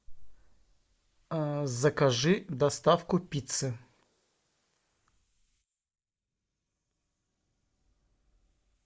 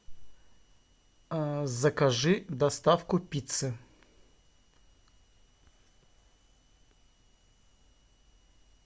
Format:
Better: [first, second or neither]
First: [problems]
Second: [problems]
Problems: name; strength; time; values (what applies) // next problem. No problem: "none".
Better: second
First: noise reduction (neural mask model Resemble Enhance denoiser)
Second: none